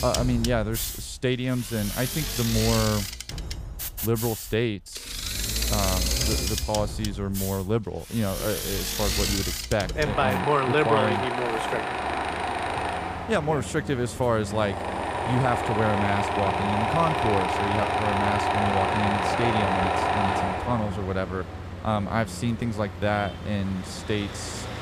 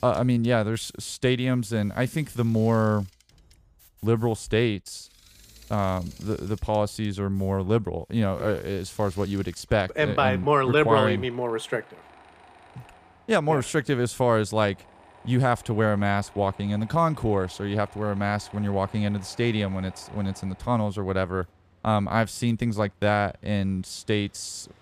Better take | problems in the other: second | machinery noise; loud; throughout; 1 dB below the speech; faint in the second

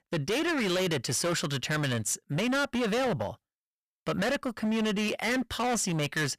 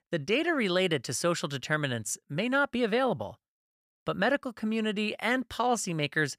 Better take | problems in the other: second | distortion; heavy; 26% of the sound clipped

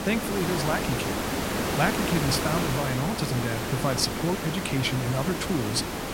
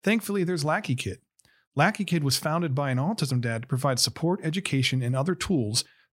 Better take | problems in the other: second | hiss; loud; throughout; 1 dB below the speech

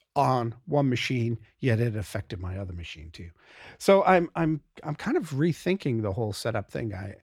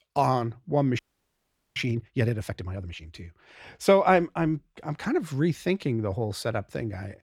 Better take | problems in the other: first | audio freezing; at 1 s for 1 s

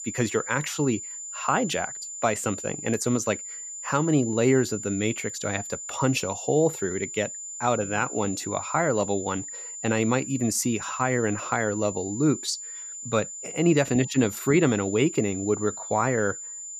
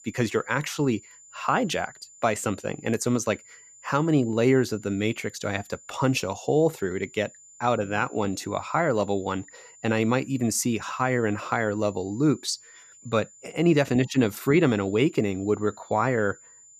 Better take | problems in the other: second | high-pitched whine; loud; throughout; 7 kHz, 8 dB below the speech; faint in the second

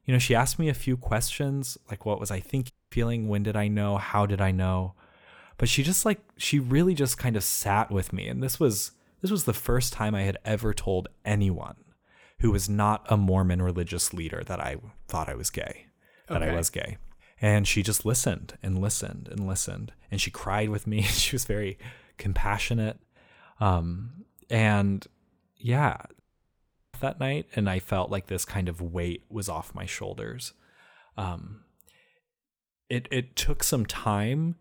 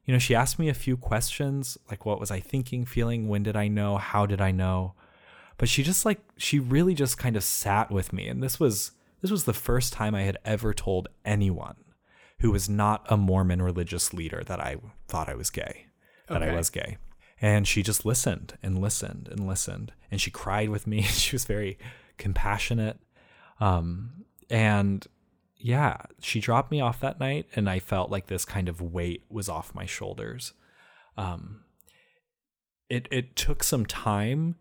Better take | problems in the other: second | audio cutting out; at 2.5 s and at 26 s for 0.5 s

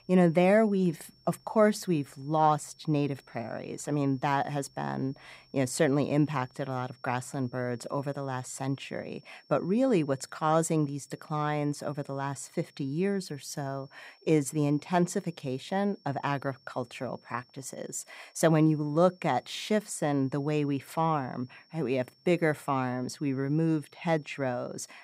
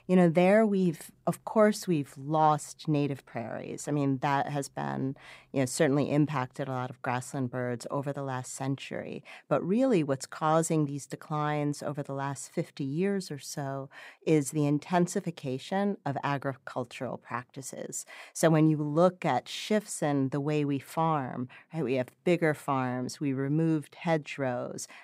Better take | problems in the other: second | high-pitched whine; faint; throughout; 5.5 kHz, 30 dB below the speech

